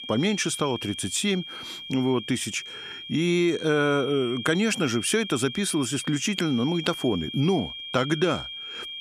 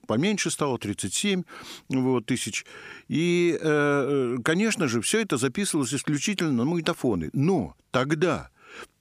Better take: second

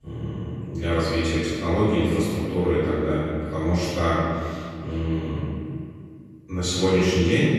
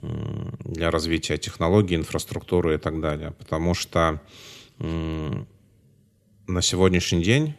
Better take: second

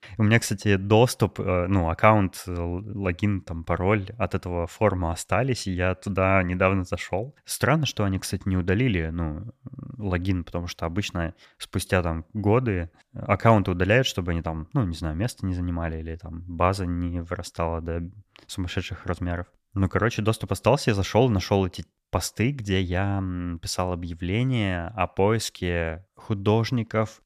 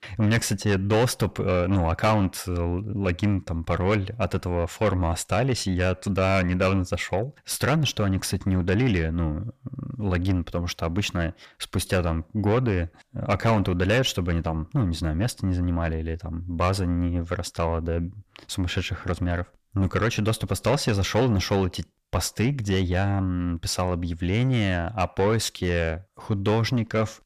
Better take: first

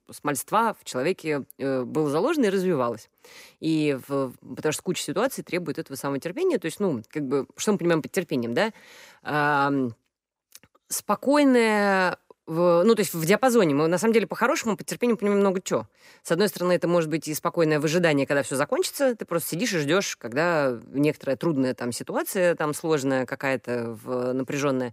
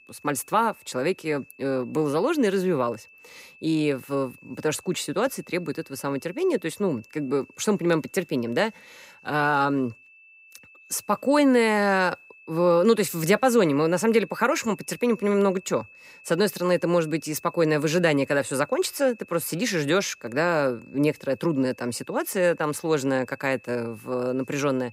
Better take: first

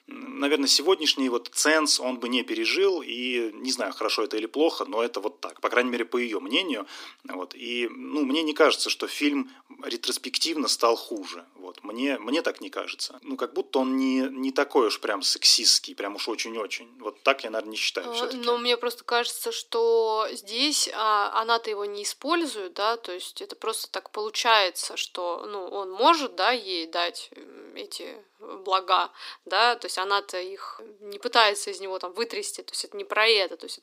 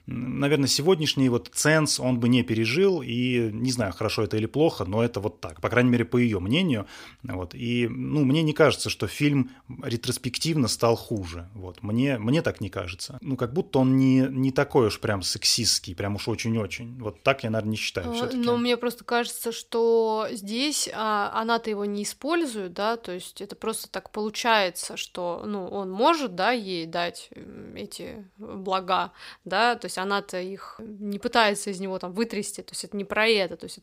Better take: second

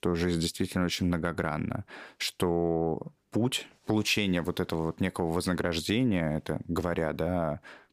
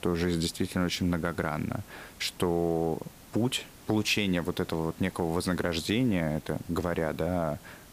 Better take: first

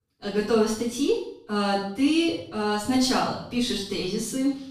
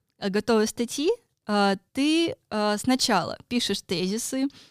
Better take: second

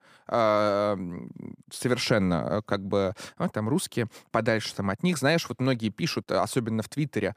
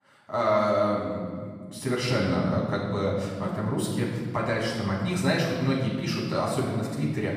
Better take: first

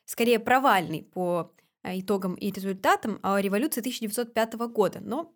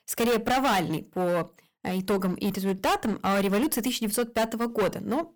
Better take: first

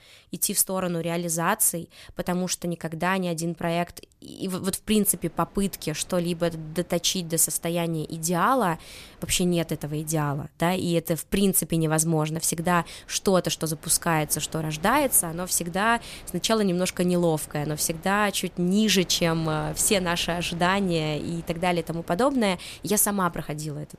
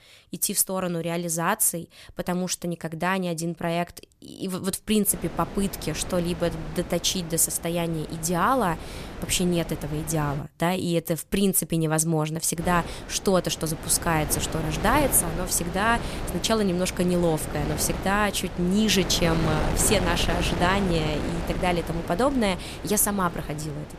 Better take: first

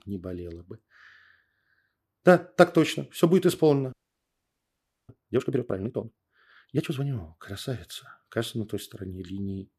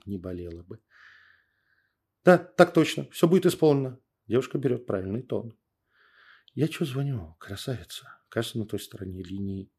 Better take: second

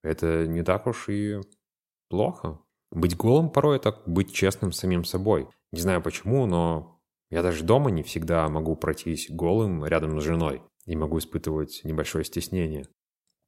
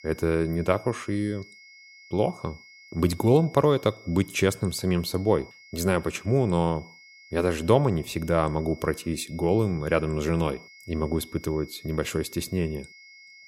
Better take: first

